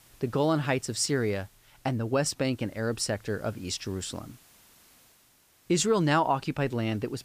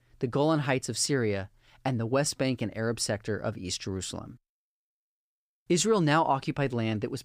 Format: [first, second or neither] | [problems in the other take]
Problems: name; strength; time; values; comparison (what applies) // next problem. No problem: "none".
second | hiss; faint; throughout; 30 dB below the speech